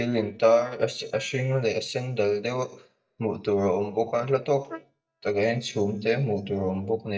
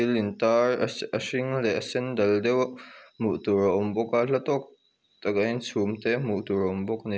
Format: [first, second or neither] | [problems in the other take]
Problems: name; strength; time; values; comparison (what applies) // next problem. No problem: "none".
second | noise reduction (neural mask model DeepFilterNet 3)